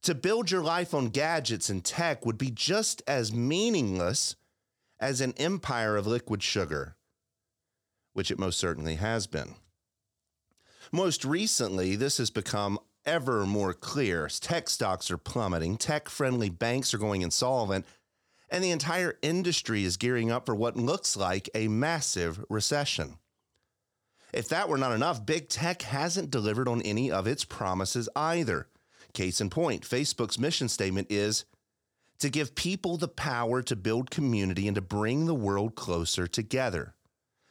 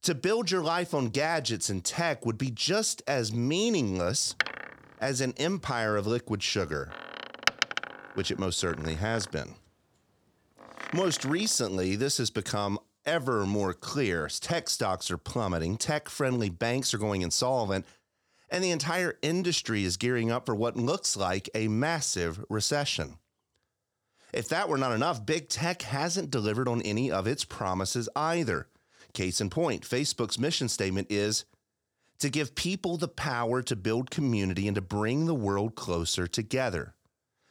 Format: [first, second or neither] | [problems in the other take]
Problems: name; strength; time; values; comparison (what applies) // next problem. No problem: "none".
first | door banging; loud; from 4.5 to 11 s; peak 3 dB above the speech